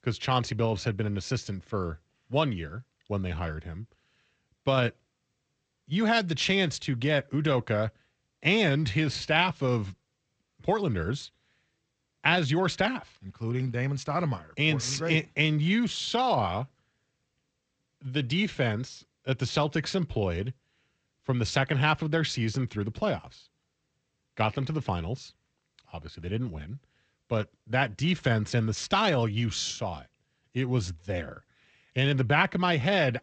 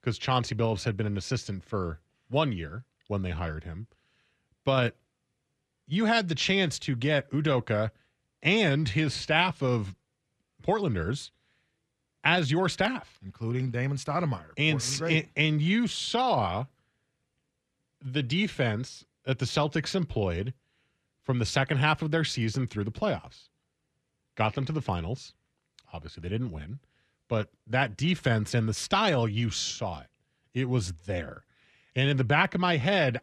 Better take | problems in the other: second | garbled, watery; slightly; nothing above 7.5 kHz

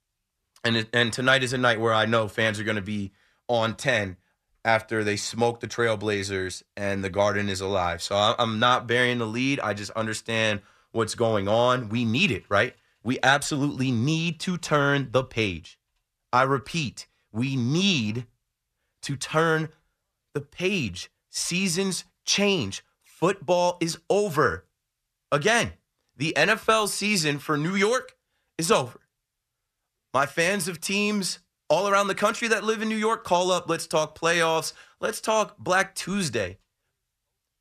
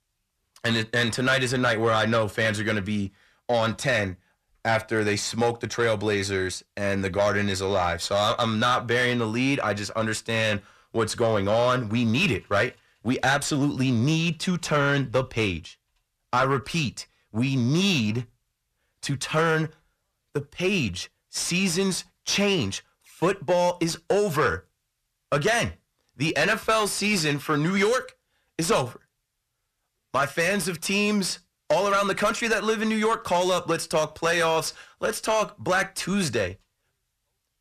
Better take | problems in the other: first | distortion; slight; 10 dB below the speech

